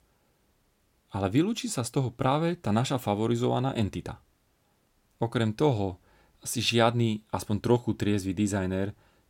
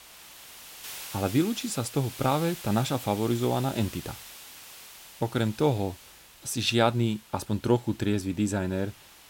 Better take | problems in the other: first | hiss; noticeable; throughout; 15 dB below the speech

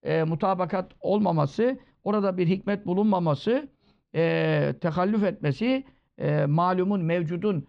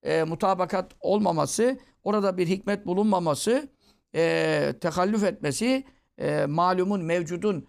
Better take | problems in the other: second | muffled; slightly; fading above 3.5 kHz

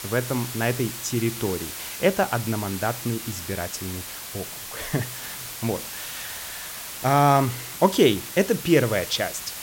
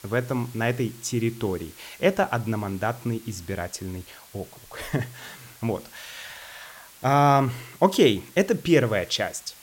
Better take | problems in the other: second | hiss; loud; throughout; 9 dB below the speech; faint in the second

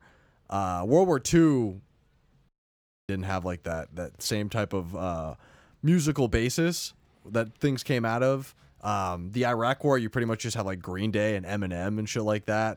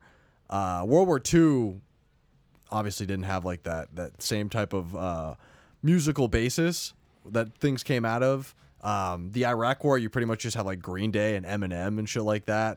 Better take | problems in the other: second | audio cutting out; at 2.5 s for 0.5 s

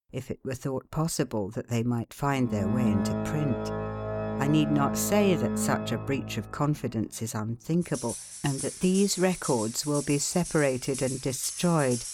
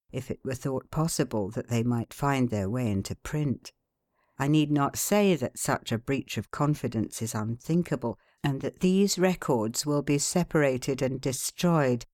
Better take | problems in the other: second | background music; loud; from 2.5 s on; 5 dB below the speech

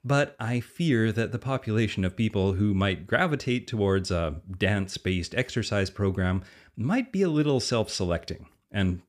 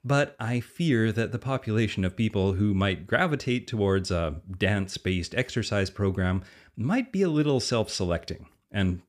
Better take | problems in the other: neither | none

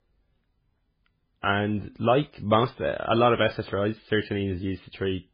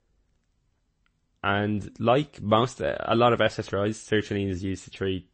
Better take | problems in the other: second | garbled, watery; badly; slightly in the second

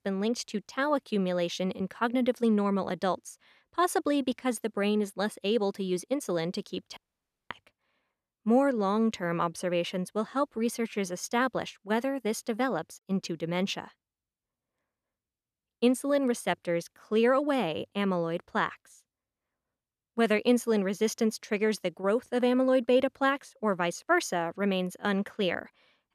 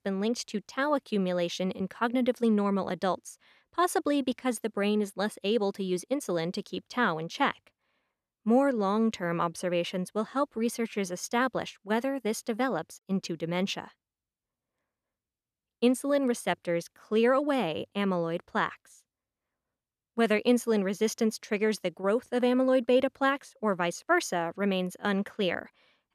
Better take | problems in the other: second | audio cutting out; at 7 s for 0.5 s

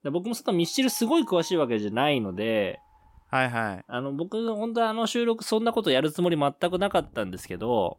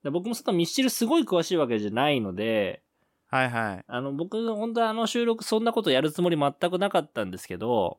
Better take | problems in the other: second | wind noise on the microphone; occasional gusts; 20 dB below the speech

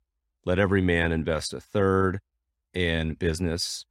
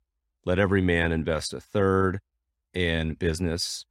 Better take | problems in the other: neither | none

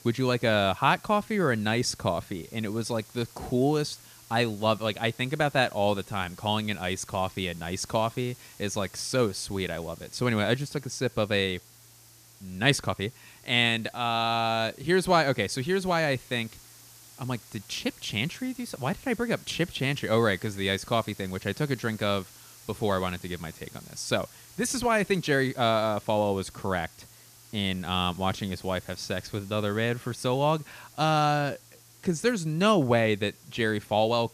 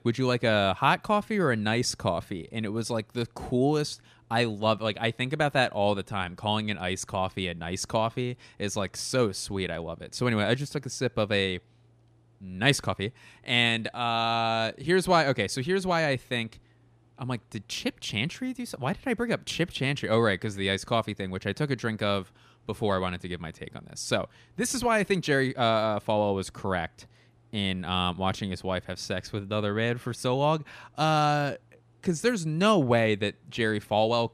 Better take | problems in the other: second | hiss; faint; throughout; 20 dB below the speech

